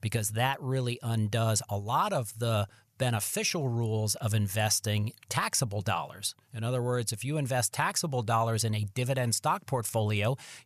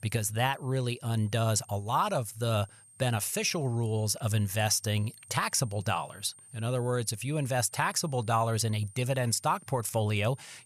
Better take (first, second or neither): first